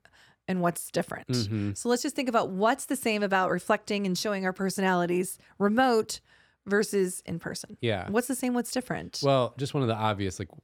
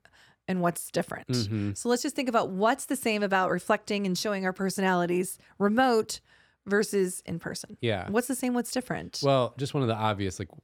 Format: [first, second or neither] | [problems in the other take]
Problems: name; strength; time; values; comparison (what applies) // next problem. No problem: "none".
neither | none